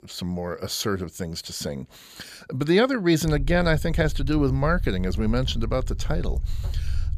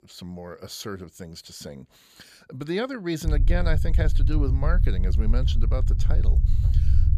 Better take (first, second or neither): first